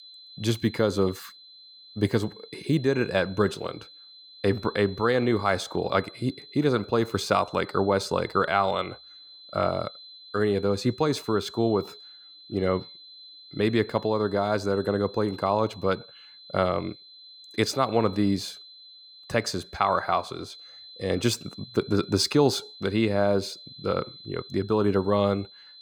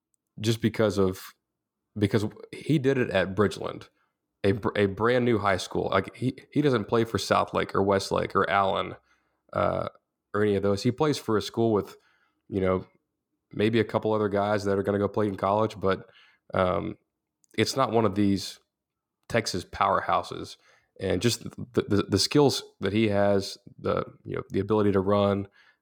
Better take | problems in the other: second | high-pitched whine; noticeable; throughout; 4 kHz, 20 dB below the speech

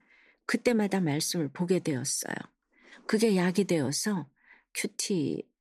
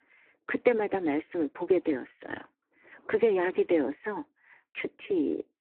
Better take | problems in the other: first | phone-call audio; poor line

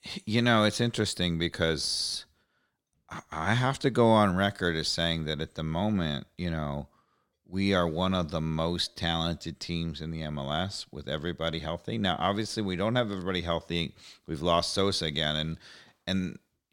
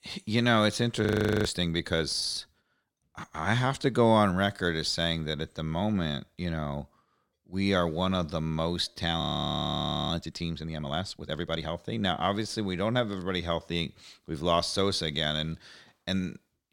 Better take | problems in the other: first | audio freezing; at 1 s and at 9 s for 1 s

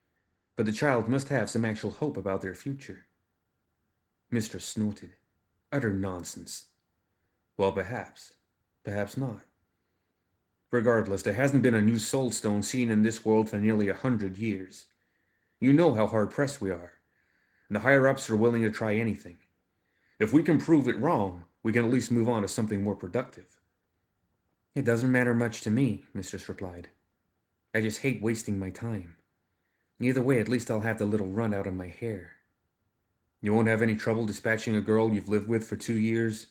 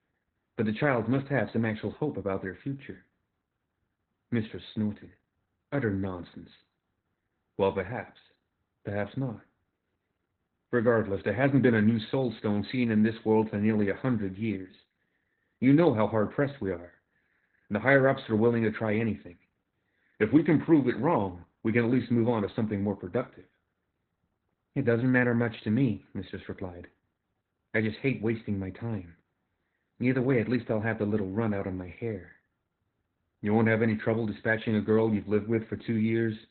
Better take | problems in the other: first | garbled, watery; badly; nothing above 4 kHz; slightly in the first

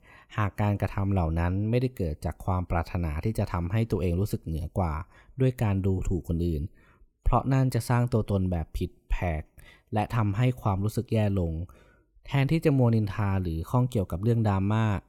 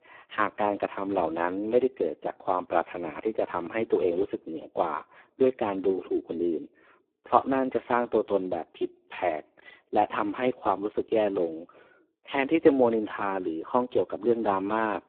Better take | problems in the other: first | phone-call audio; poor line

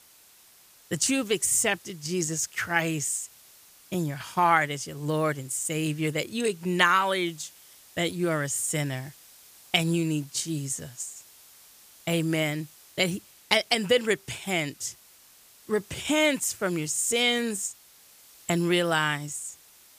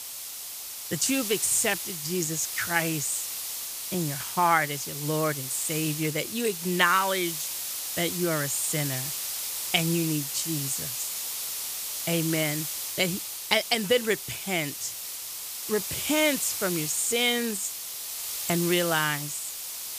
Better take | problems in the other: first | hiss; loud; throughout; 4 dB below the speech; faint in the first

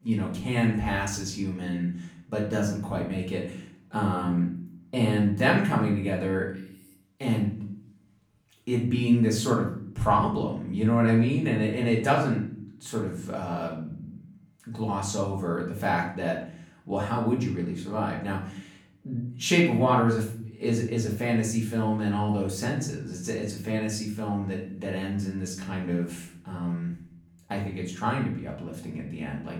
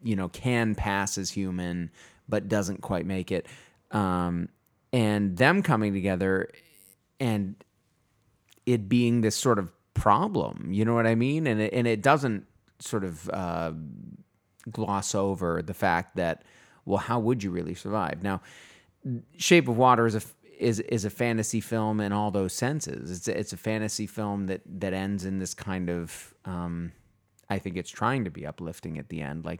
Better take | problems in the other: second | room echo; slight; dies away in 0.5 s // off-mic speech; far

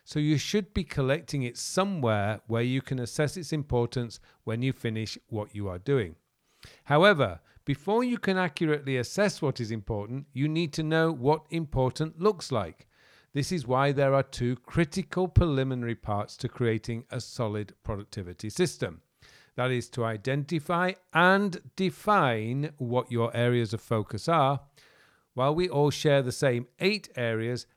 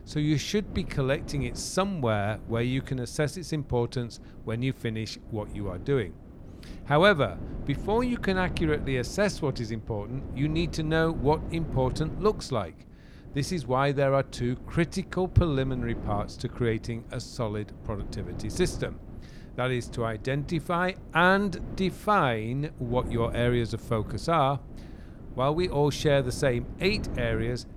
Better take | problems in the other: first | wind noise on the microphone; occasional gusts; 20 dB below the speech

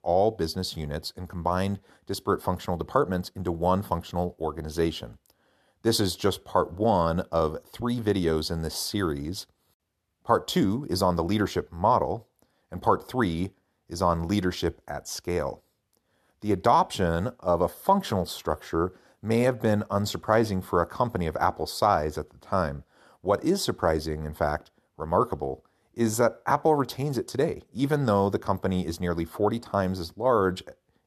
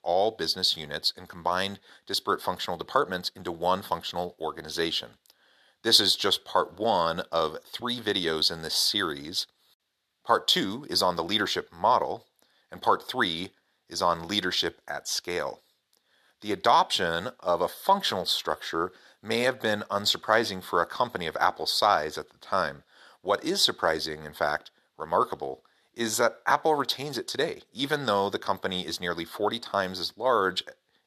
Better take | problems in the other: first | thin; somewhat; fading below 1 kHz

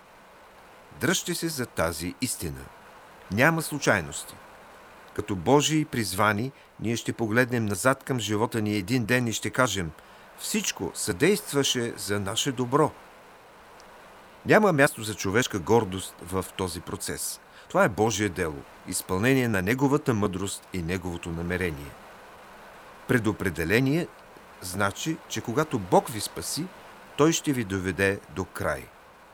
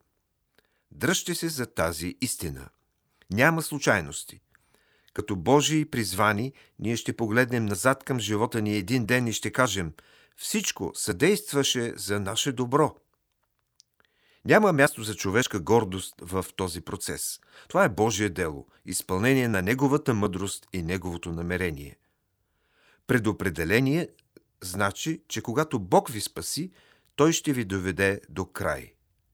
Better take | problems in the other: second | wind noise on the microphone; occasional gusts; 20 dB below the speech

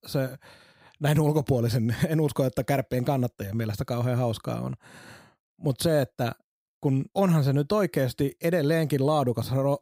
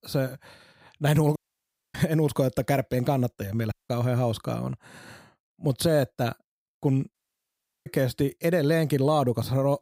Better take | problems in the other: first | audio cutting out; at 1.5 s for 0.5 s, at 3.5 s and at 7 s for 0.5 s

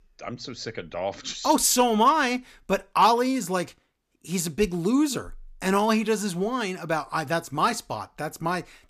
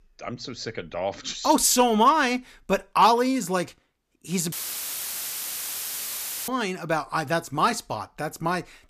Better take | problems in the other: first | audio cutting out; filled with static; at 4.5 s for 2 s

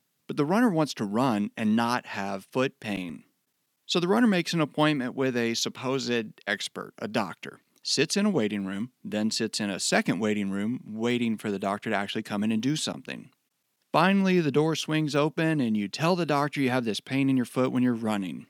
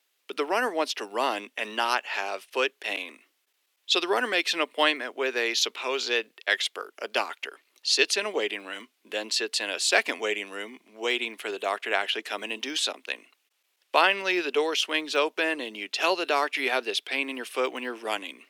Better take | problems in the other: first | thin; very; fading below 350 Hz

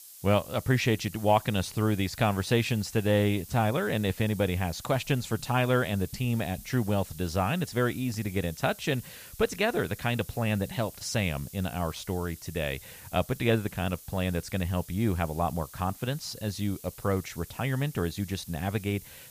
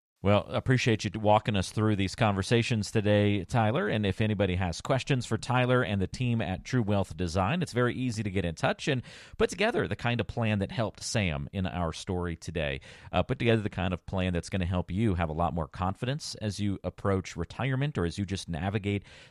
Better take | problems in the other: second | hiss; noticeable; throughout; 15 dB below the speech

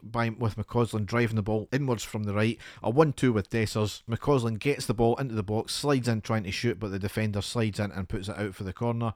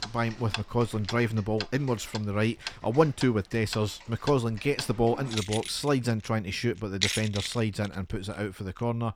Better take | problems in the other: first | household noises; loud; throughout; 7 dB below the speech

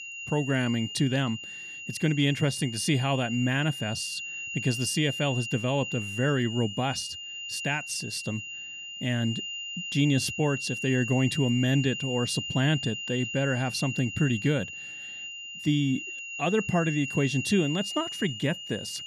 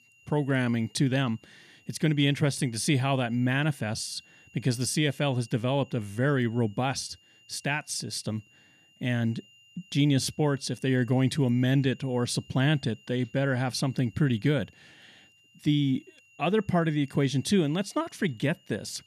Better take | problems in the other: second | high-pitched whine; loud; throughout; 3 kHz, 7 dB below the speech; faint in the second

